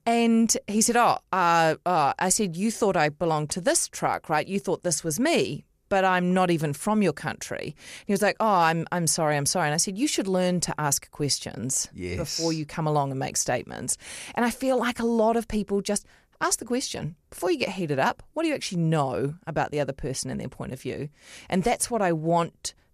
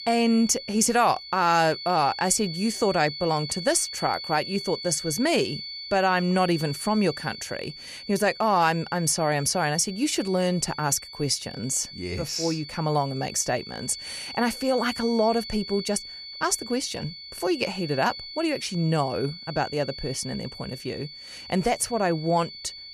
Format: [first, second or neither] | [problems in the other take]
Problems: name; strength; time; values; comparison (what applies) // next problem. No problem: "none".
first | high-pitched whine; noticeable; throughout; 4.5 kHz, 10 dB below the speech